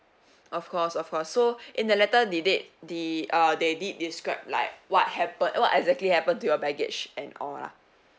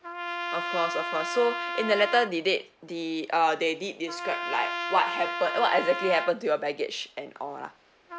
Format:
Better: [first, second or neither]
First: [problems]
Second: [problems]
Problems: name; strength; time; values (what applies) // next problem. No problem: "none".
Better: first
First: none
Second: background sound (Trumpet); 7 dB below the speech